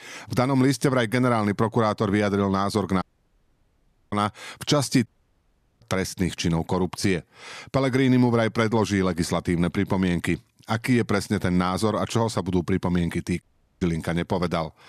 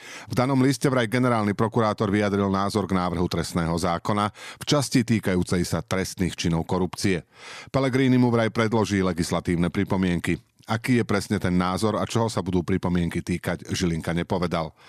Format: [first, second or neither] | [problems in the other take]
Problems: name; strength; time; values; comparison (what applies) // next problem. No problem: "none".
second | audio cutting out; at 3 s for 1 s, at 5 s for 1 s and at 13 s